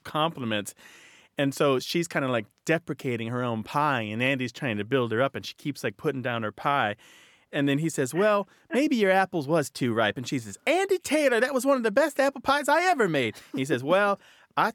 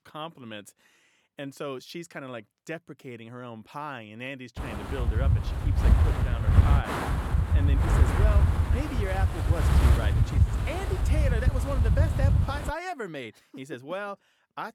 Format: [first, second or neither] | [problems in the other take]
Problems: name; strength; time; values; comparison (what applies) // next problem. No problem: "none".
first | wind noise on the microphone; heavy; from 4.5 to 13 s; 1 dB above the speech